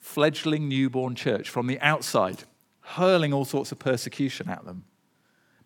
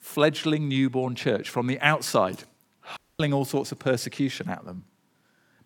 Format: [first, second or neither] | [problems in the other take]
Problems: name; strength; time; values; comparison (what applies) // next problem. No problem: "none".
first | audio cutting out; at 3 s